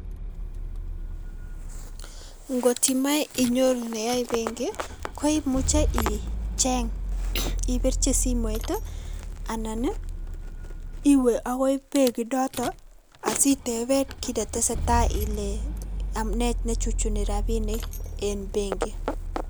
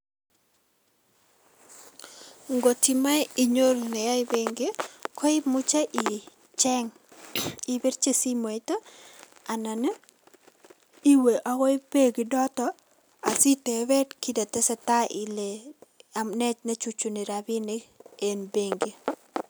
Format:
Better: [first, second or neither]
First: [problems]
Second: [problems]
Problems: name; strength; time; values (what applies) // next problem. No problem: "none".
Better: second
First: background sound (Rattle / Engine starting / Car); 3 dB below the speech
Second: none